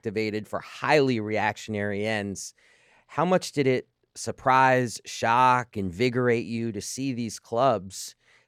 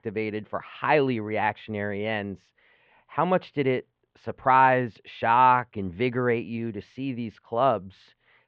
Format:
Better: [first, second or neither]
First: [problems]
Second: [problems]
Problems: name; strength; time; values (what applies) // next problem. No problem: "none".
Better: first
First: none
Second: muffled; very; fading above 3.5 kHz